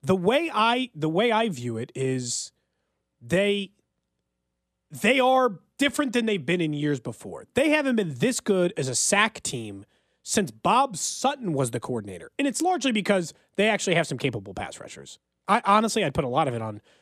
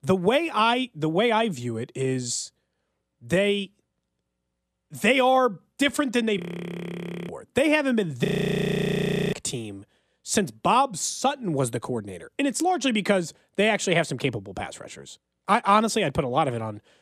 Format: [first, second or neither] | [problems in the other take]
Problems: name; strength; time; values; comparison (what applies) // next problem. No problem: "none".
first | audio freezing; at 6.5 s for 1 s and at 8.5 s for 1 s